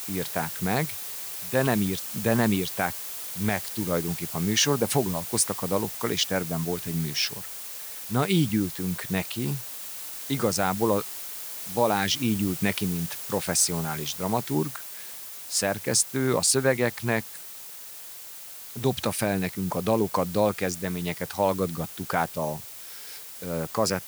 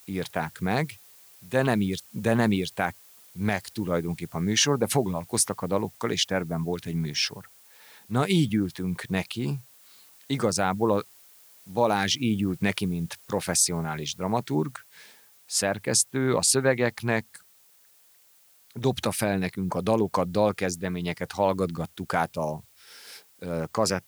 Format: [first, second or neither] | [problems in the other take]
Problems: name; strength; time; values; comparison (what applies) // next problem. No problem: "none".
second | hiss; loud; throughout; 8 dB below the speech; faint in the second